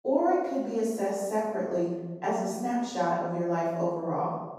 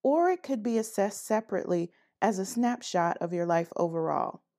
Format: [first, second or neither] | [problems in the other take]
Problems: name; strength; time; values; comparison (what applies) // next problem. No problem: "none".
second | off-mic speech; far // room echo; strong; dies away in 1.2 s